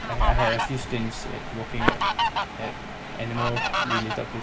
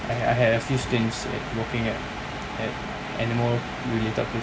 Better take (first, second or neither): second